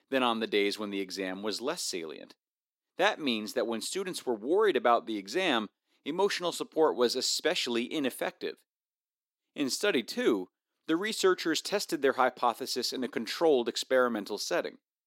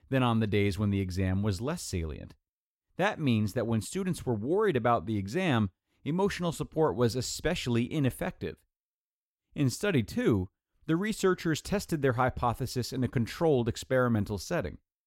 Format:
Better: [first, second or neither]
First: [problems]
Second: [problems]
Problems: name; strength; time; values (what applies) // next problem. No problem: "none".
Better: second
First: thin; somewhat; fading below 300 Hz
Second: none